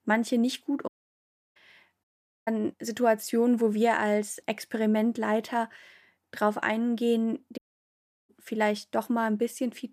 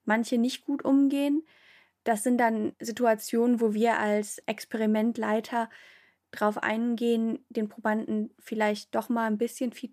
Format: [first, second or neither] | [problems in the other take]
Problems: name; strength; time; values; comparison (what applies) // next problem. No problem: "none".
second | audio cutting out; at 1 s for 0.5 s, at 2 s and at 7.5 s for 0.5 s